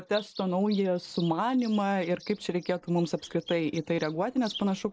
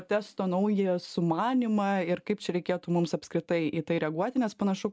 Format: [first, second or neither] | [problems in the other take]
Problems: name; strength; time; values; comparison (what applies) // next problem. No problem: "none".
second | noise reduction (neural mask model Resemble Enhance denoiser)